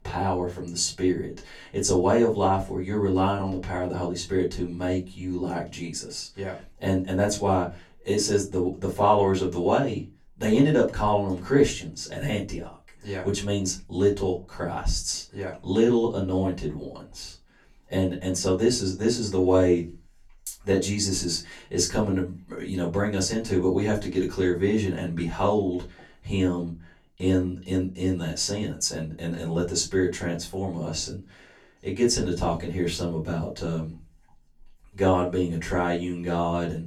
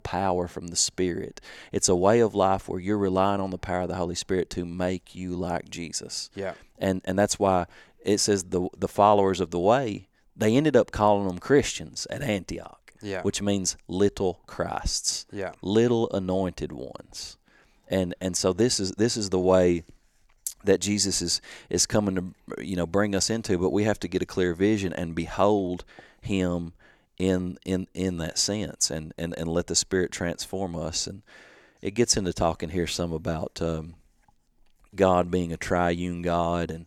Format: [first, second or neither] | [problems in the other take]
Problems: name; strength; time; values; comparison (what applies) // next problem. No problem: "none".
second | off-mic speech; far // room echo; very slight; dies away in 0.2 s